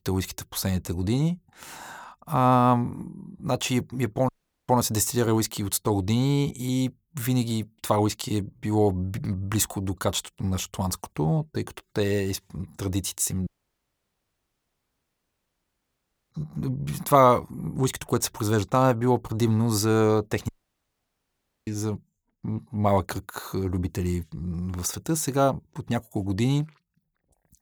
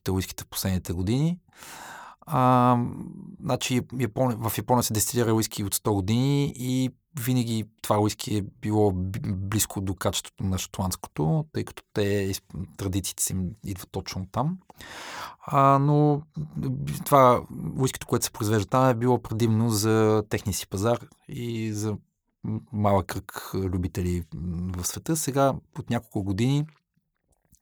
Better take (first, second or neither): second